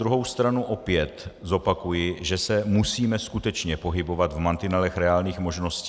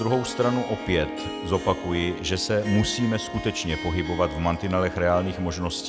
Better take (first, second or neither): first